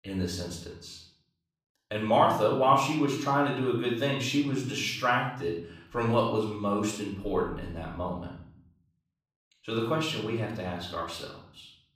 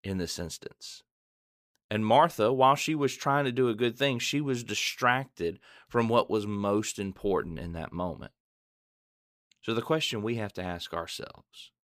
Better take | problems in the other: second | off-mic speech; far // room echo; noticeable; dies away in 0.6 s

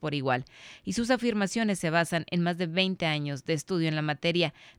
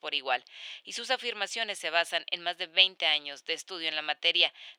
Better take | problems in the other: first | thin; very; fading below 500 Hz

